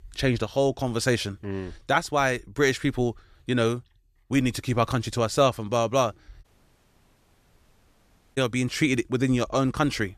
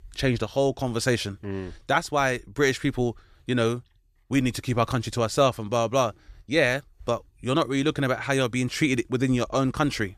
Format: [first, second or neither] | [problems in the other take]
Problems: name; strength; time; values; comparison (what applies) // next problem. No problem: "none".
second | audio cutting out; at 6.5 s for 2 s